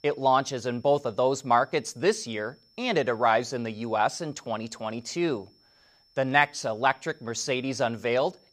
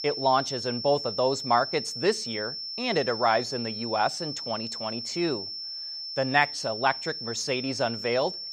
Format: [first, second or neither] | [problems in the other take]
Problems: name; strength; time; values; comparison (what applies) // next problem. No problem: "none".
first | high-pitched whine; loud; throughout; 5.5 kHz, 5 dB below the speech; faint in the first